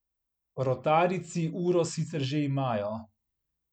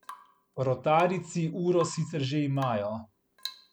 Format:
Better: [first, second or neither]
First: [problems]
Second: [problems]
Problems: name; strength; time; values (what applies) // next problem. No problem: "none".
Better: first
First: none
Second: background sound (Drip / Water tap, faucet / Rain); 14 dB below the speech